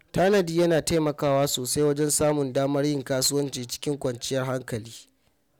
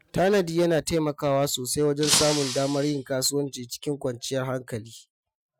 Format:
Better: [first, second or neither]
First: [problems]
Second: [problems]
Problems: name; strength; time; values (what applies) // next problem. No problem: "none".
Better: first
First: none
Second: noise reduction (classical method Wiener filter)